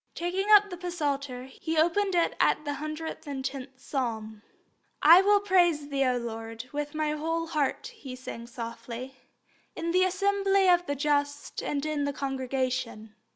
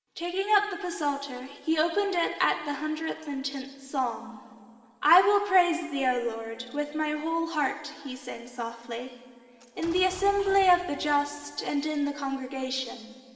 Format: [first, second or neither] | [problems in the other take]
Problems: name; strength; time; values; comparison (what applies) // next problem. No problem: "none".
first | background sound (Explosion); 18 dB below the speech // room echo; dies away in 2.7 s